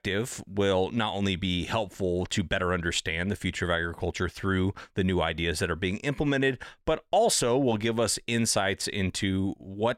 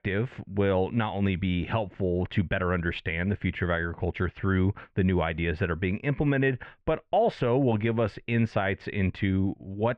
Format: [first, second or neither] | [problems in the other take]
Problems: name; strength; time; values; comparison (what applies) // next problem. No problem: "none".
first | muffled; very; fading above 2.5 kHz